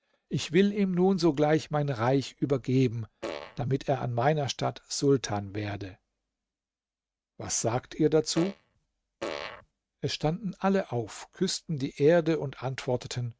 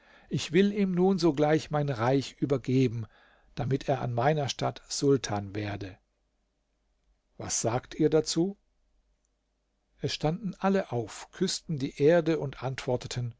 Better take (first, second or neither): second